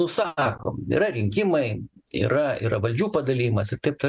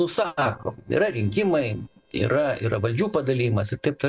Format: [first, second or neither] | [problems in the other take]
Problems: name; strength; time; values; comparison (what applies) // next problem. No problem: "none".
first | noise reduction (neural separator model SepFormer DNS4)